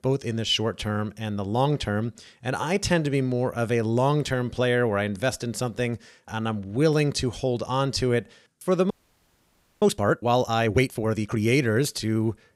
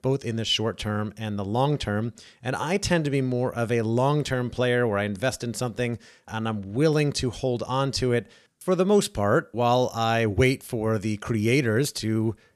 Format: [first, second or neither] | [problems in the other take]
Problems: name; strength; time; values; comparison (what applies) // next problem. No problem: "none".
second | audio freezing; at 9 s for 1 s